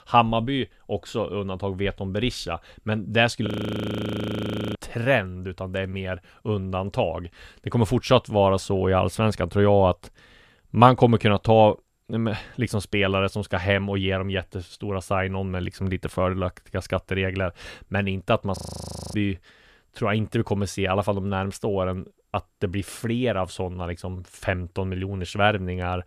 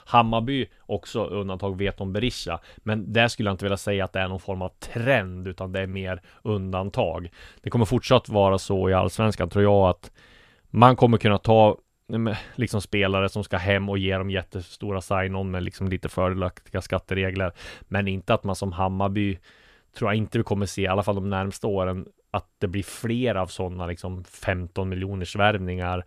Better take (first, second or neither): second